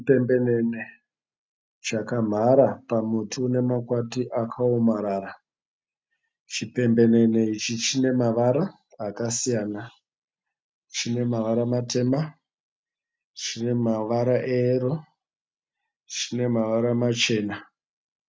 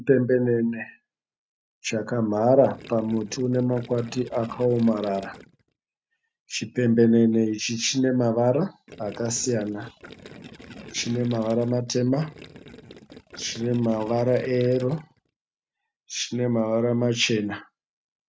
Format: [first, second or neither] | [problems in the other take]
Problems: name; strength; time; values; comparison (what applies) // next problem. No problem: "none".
first | background sound (Gurgling); 19 dB below the speech